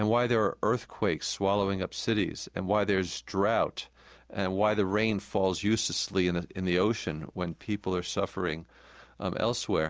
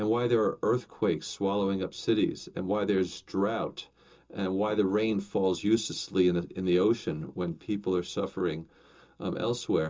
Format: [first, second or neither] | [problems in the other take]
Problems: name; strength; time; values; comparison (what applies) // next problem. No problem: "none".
first | room echo; dies away in 0.2 s